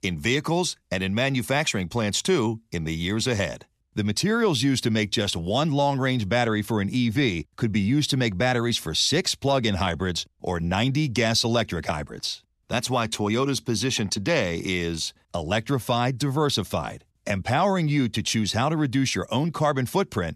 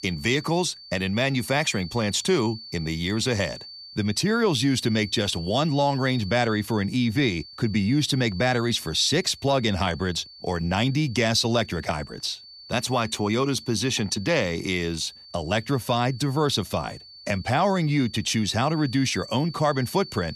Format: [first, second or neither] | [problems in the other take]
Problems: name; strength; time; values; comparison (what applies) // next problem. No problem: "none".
first | high-pitched whine; noticeable; throughout; 4.5 kHz, 15 dB below the speech